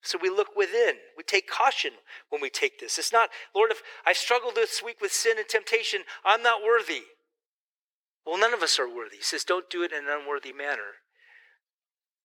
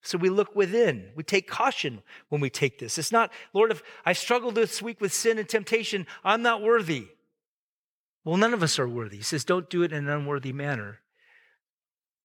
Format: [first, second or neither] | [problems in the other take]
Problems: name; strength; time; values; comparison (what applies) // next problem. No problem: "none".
second | thin; very; fading below 350 Hz